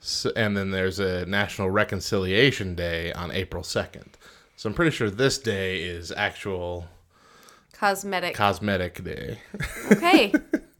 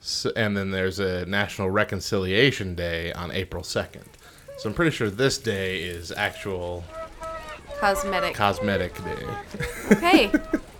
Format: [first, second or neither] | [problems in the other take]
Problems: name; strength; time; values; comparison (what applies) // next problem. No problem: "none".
first | household noises; noticeable; throughout; 10 dB below the speech